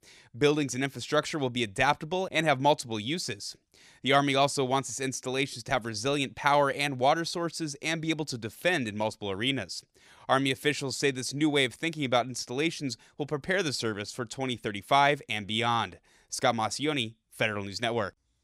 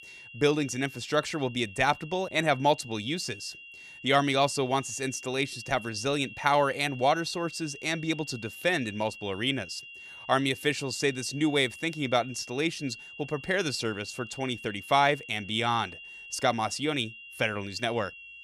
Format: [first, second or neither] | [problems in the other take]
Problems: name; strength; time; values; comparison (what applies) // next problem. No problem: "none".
first | high-pitched whine; noticeable; throughout; 3 kHz, 15 dB below the speech